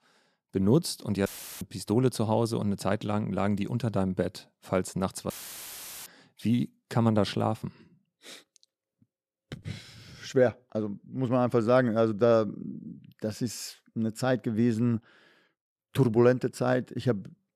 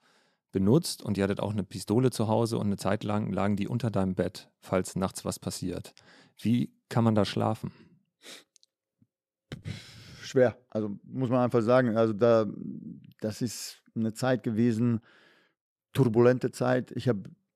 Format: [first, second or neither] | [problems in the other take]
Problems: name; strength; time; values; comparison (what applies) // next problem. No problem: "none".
second | audio cutting out; filled with static; at 1.5 s and at 5.5 s for 1 s